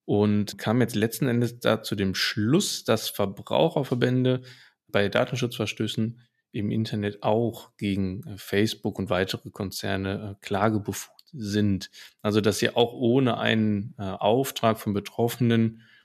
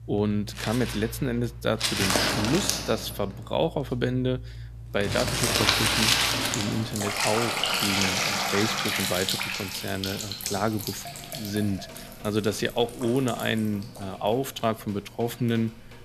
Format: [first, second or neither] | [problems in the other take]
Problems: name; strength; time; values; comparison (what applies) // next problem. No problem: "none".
first | household noises; very loud; throughout; 3 dB above the speech